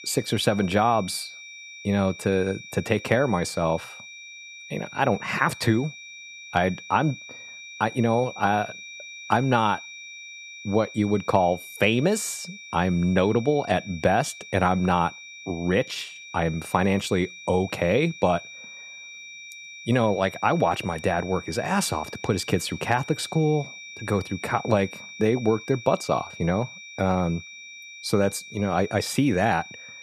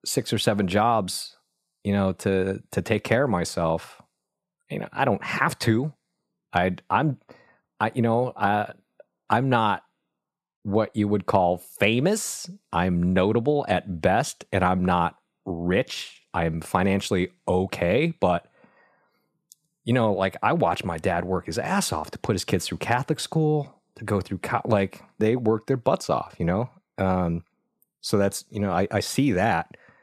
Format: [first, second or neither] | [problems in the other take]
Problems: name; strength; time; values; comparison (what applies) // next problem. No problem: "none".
second | high-pitched whine; noticeable; throughout; 2.5 kHz, 15 dB below the speech